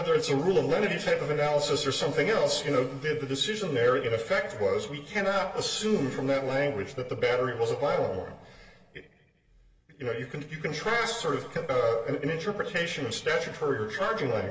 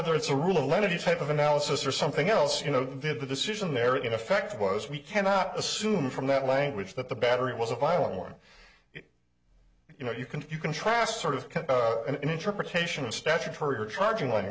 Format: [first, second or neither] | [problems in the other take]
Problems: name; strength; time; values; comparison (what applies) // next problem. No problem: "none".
second | room echo; dies away in 2.2 s